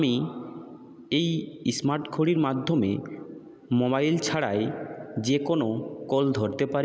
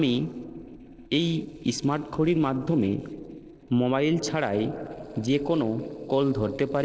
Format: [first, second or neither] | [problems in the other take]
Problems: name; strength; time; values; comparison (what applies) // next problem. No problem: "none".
first | noise reduction (neural separator model SepFormer DNS4)